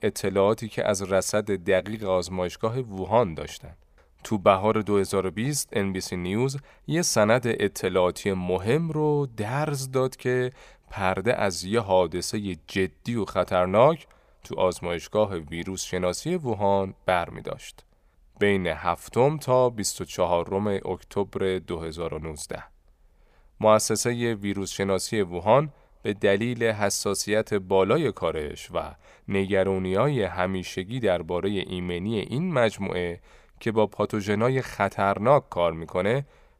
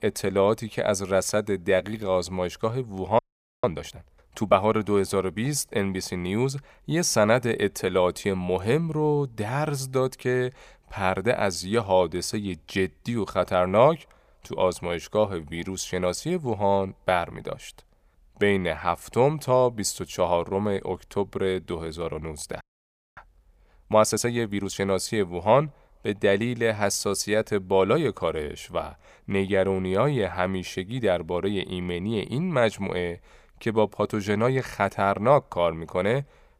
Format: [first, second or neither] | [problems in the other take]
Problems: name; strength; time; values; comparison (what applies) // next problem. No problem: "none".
first | audio freezing; at 3 s and at 23 s for 0.5 s